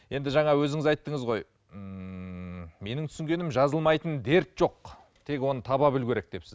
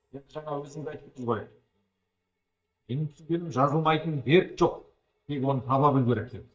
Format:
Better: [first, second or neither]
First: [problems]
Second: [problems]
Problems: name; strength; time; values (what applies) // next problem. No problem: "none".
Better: first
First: none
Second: noise reduction (neural mask model DeepFilterNet 3)